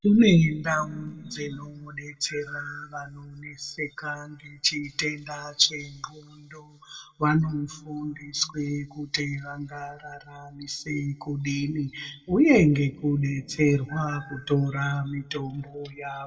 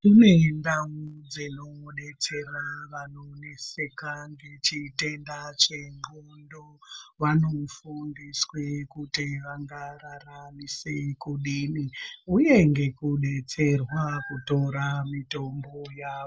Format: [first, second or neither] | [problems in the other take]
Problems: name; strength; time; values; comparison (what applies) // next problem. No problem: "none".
second | room echo; dies away in 1.2 s